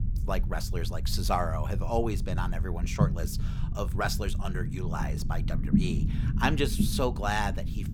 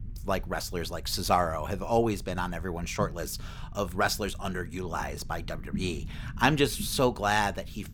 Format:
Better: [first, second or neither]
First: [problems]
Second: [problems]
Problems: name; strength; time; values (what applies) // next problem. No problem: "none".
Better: second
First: low rumble; loud; throughout; 10 dB below the speech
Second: low rumble; faint; throughout; 25 dB below the speech